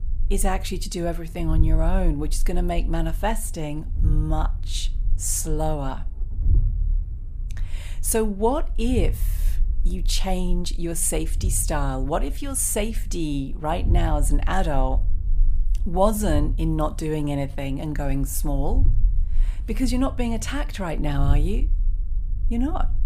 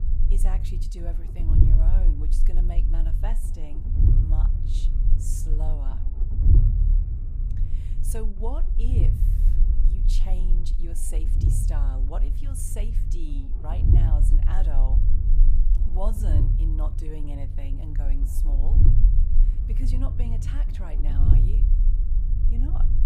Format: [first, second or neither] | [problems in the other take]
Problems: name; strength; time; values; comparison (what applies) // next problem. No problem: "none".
first | low rumble; loud; throughout; 1 dB below the speech; faint in the first